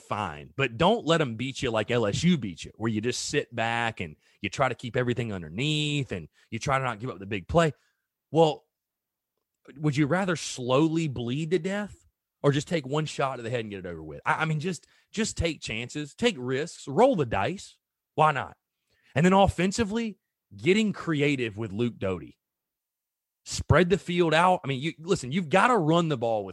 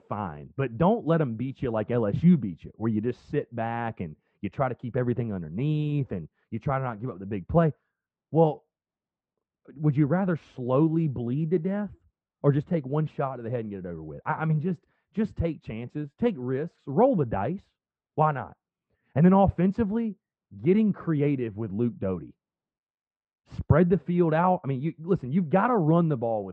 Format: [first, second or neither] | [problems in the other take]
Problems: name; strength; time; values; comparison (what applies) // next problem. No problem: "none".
first | muffled; very; fading above 1 kHz